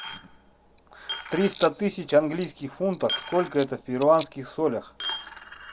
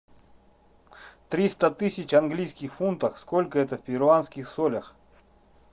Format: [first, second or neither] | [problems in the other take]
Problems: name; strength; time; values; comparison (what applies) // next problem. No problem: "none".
second | background sound (Coin (dropping)); 12 dB below the speech